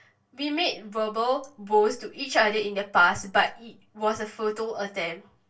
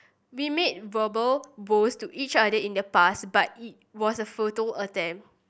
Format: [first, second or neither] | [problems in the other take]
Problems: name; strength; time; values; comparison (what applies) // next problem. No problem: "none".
second | room echo; dies away in 0.2 s